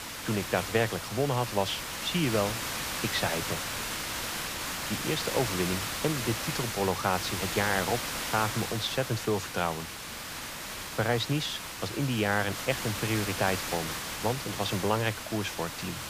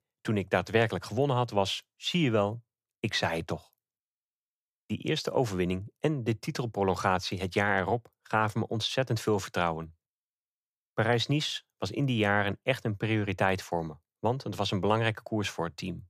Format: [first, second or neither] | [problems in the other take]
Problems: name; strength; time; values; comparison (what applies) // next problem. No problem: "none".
second | hiss; loud; throughout; 3 dB below the speech